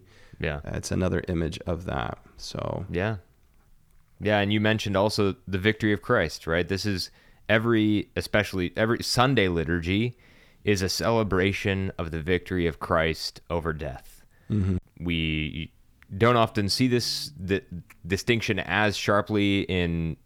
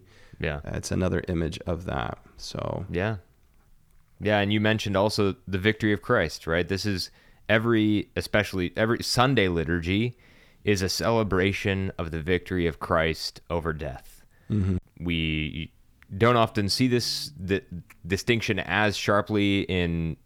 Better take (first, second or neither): neither